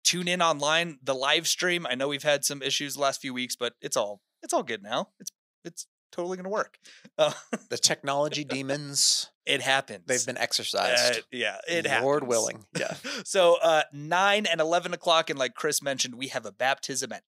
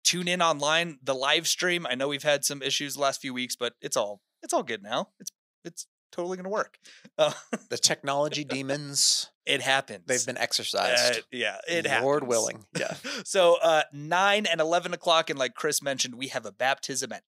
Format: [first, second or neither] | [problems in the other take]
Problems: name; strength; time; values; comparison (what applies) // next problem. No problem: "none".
neither | thin; somewhat; fading below 300 Hz; the same in both